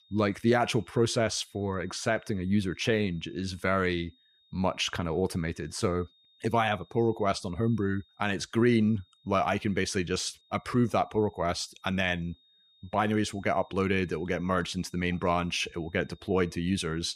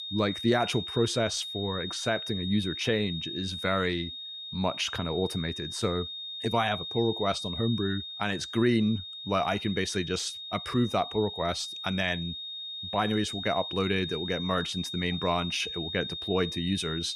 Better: first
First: high-pitched whine; faint; throughout; 3.5 kHz, 30 dB below the speech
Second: high-pitched whine; loud; throughout; 3.5 kHz, 6 dB below the speech

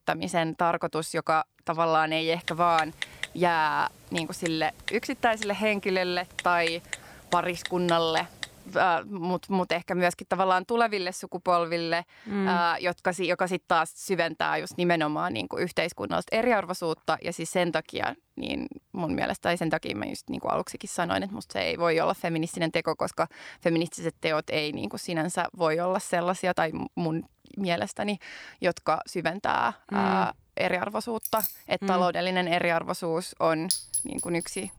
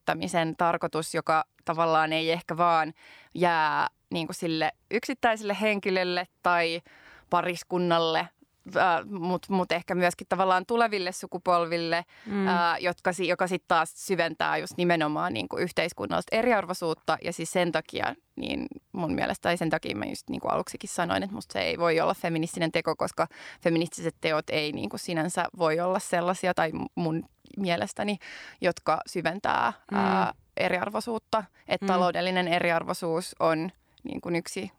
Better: second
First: keyboard typing; noticeable; from 2.5 to 8.5 s; peak 7 dB below the speech // jangling keys; noticeable; at 31 s; peak 3 dB below the speech // clattering dishes; loud; at 34 s; peak 1 dB above the speech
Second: none

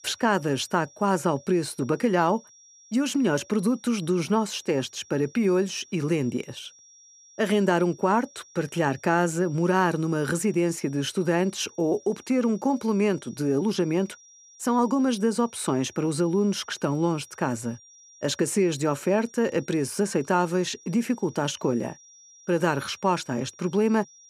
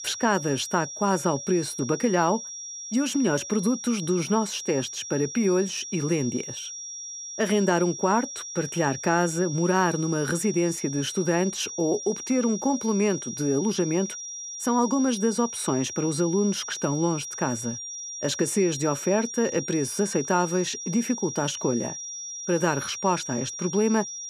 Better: first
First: high-pitched whine; faint; throughout; 5.5 kHz, 25 dB below the speech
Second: high-pitched whine; loud; throughout; 5.5 kHz, 8 dB below the speech

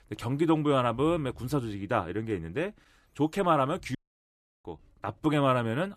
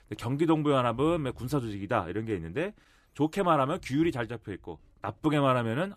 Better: second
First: audio cutting out; at 4 s for 0.5 s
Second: none

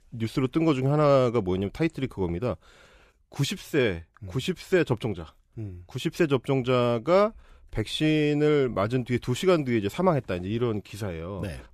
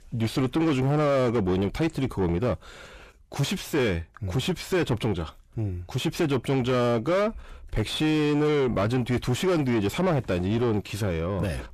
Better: first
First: none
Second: distortion; heavy; 7 dB below the speech

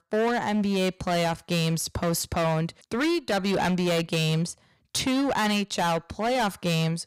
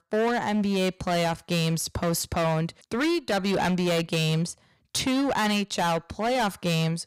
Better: neither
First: distortion; heavy; 21% of the sound clipped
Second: distortion; heavy; 21% of the sound clipped

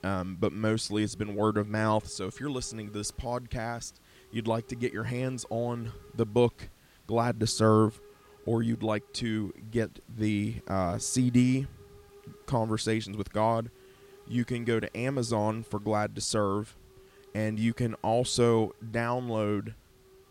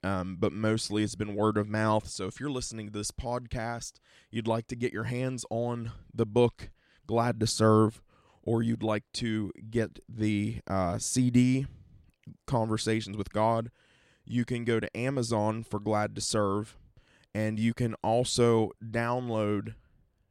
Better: second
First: hiss; faint; throughout; 25 dB below the speech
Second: none

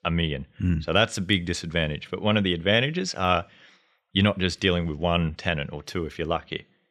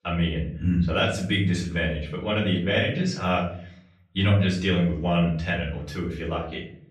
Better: first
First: none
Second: off-mic speech; far // room echo; noticeable; dies away in 0.6 s

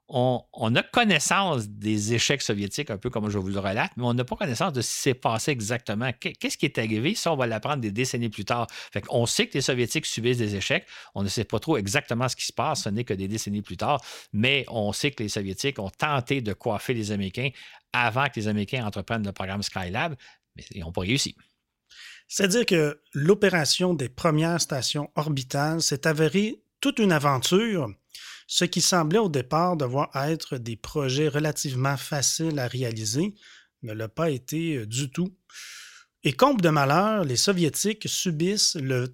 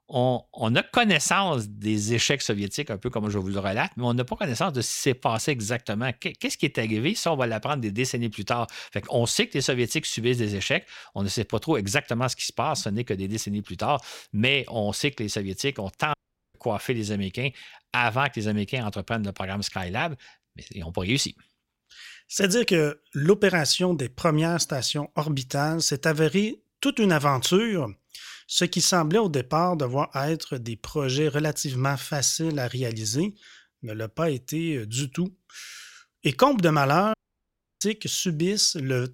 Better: first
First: none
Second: audio cutting out; at 16 s and at 37 s for 0.5 s

